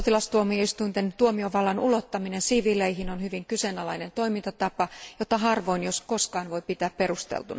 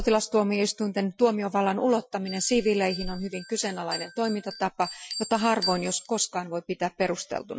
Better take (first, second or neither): first